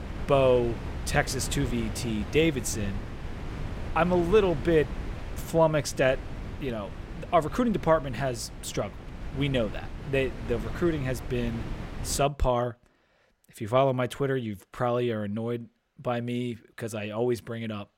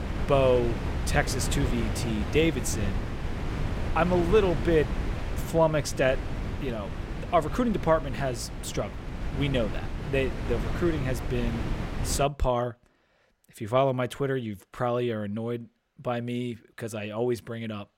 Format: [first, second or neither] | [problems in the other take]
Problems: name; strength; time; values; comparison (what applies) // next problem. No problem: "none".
first | wind noise on the microphone; heavy; until 12 s; 10 dB below the speech; occasional gusts in the first